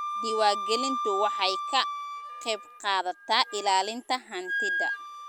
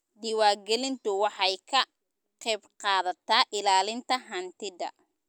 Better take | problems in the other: second | background sound (Wind instrument, woodwind instrument); 4 dB below the speech

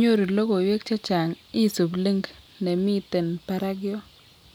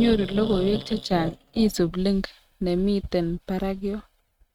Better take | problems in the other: first | noise reduction (neural mask model RNNoise)

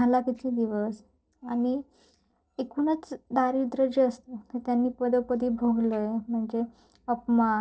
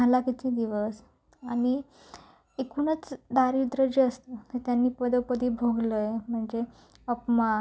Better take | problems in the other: second | noise reduction (neural separator model SepFormer DNS4)

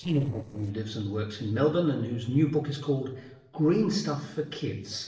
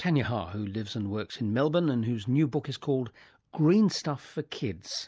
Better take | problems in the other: second | noise reduction (neural separator model SepFormer DNS4)

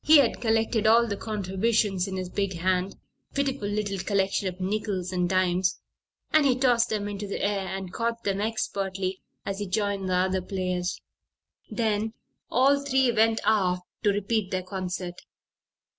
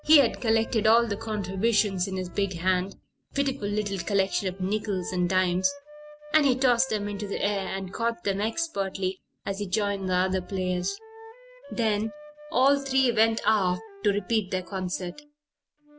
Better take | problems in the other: first | background sound (Wind instrument, woodwind instrument); 19 dB below the speech

